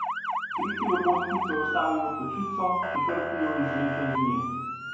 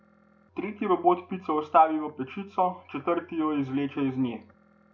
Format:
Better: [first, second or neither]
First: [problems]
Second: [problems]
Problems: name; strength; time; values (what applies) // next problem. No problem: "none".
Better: second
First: background sound (Motor vehicle (road) / Siren); 1 dB below the speech // room echo; dies away in 0.9 s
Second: none